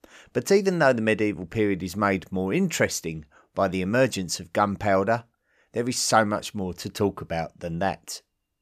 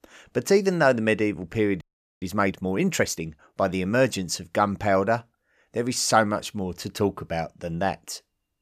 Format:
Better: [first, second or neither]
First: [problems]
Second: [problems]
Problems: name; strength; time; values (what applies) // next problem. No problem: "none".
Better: first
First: none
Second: audio freezing; at 2 s